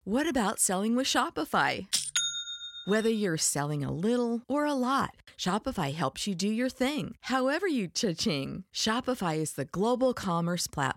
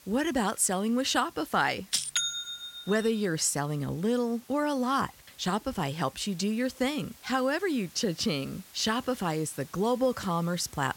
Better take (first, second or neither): first